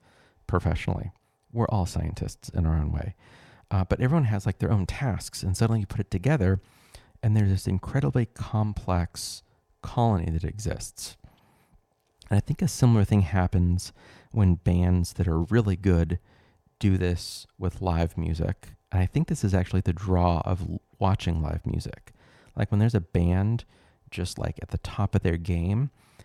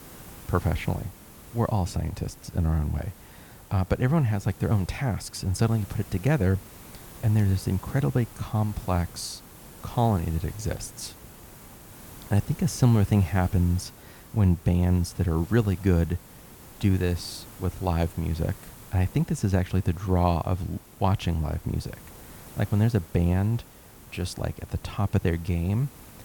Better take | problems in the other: first | hiss; noticeable; throughout; 20 dB below the speech

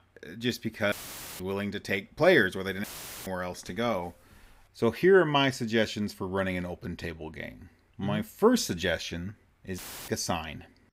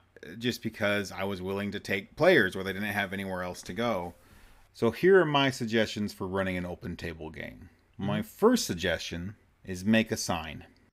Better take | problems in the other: second | audio cutting out; filled with static; at 1 s, at 3 s and at 10 s

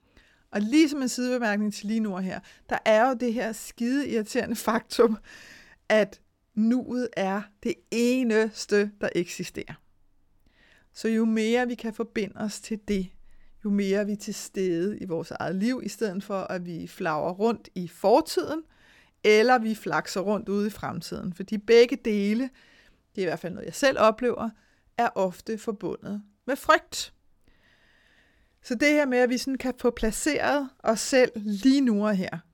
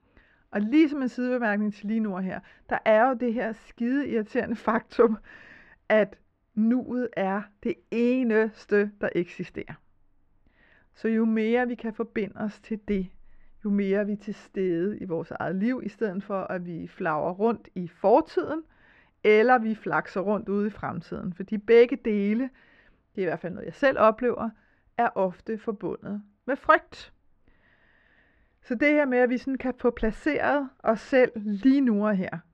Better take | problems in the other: first | muffled; very; fading above 2 kHz

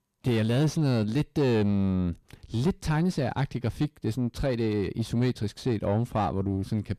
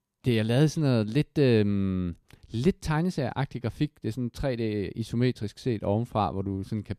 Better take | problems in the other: second | distortion; slight; 10 dB below the speech

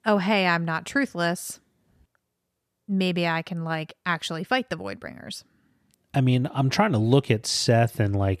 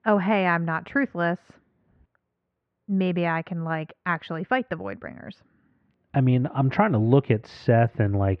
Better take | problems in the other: first | muffled; very; fading above 2 kHz

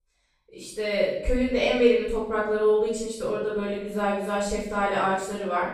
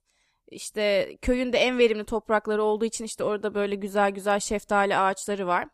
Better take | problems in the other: second | off-mic speech; far // room echo; noticeable; dies away in 0.8 s

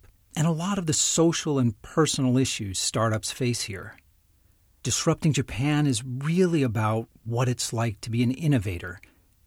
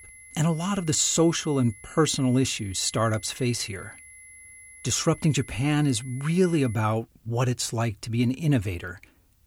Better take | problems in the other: first | high-pitched whine; noticeable; until 7 s; 2 kHz, 20 dB below the speech

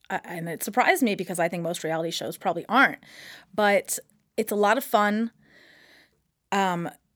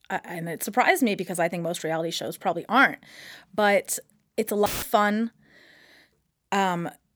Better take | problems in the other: first | audio cutting out; filled with static; at 4.5 s

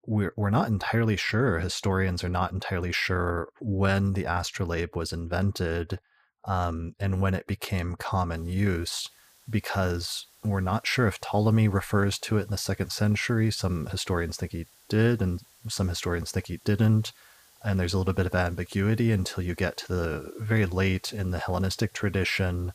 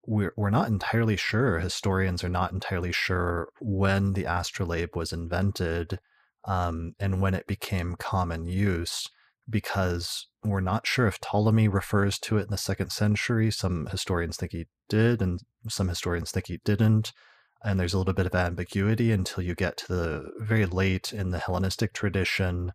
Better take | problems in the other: second | hiss; faint; from 8.5 s on; 30 dB below the speech

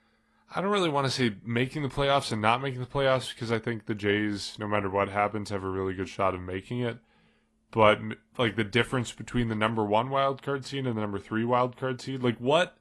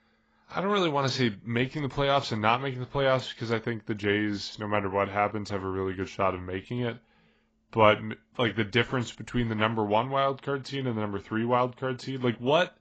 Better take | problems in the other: first | garbled, watery; badly; nothing above 7.5 kHz; slightly in the first

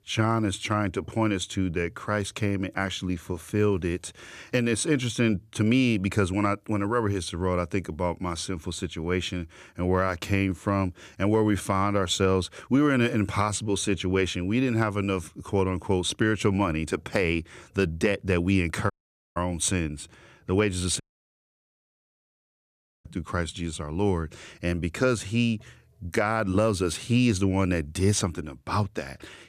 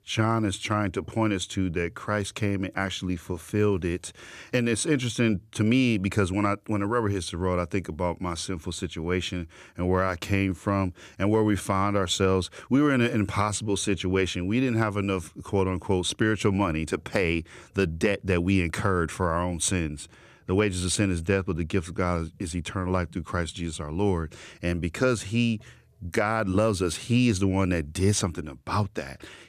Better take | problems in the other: second | audio cutting out; at 19 s and at 21 s for 2 s

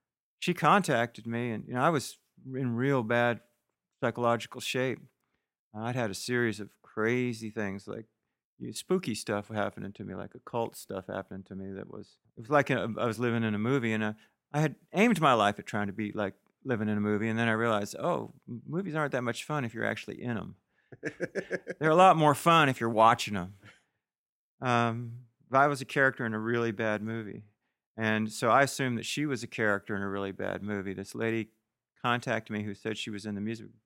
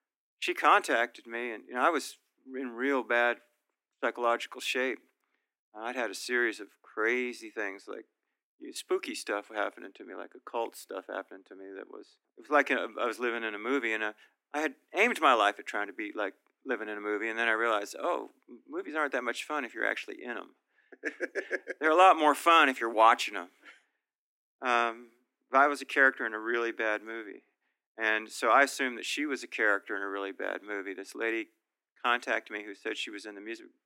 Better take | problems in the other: first | thin; somewhat; fading below 250 Hz

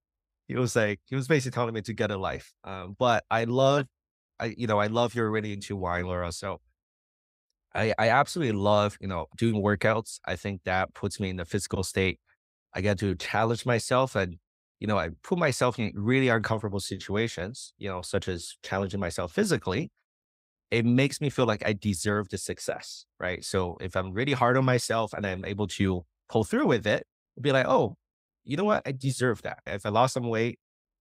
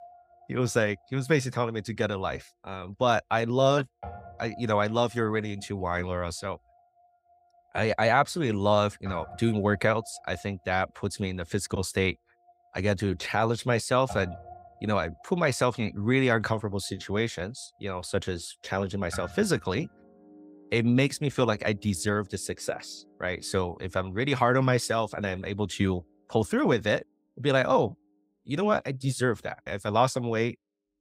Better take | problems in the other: first | background music; faint; throughout; 20 dB below the speech

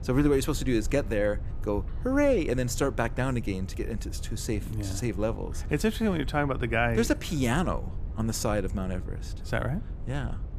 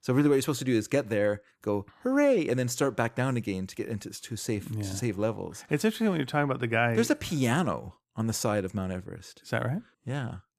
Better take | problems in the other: second | low rumble; faint; throughout; 20 dB below the speech

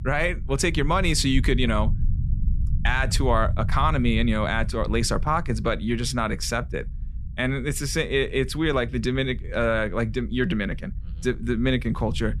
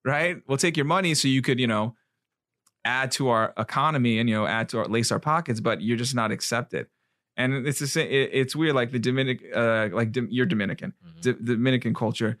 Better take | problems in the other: second | low rumble; faint; throughout; 20 dB below the speech

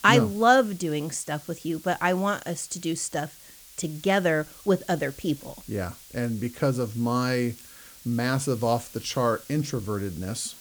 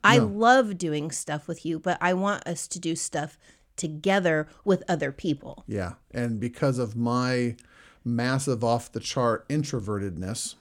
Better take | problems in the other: second | hiss; noticeable; throughout; 20 dB below the speech

